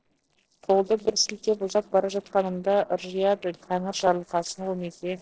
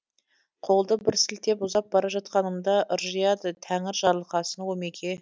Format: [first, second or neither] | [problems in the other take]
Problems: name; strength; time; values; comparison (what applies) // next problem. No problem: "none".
second | noise reduction (neural separator model SepFormer DNS4)